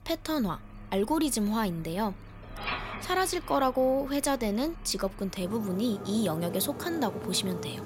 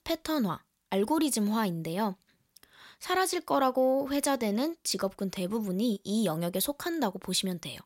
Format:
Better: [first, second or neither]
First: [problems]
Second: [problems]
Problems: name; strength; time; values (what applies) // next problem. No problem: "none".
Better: second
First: traffic noise; noticeable; throughout; 10 dB below the speech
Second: none